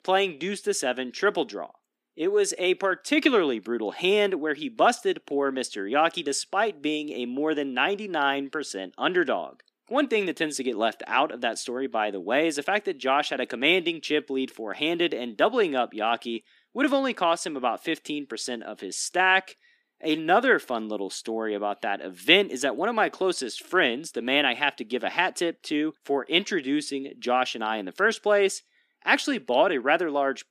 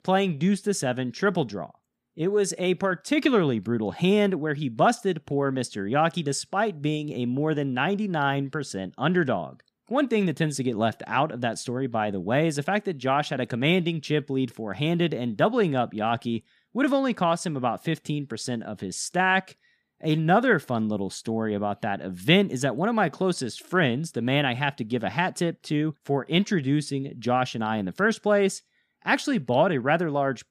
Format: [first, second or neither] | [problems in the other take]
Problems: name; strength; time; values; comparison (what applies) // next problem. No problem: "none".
second | thin; very slightly; fading below 300 Hz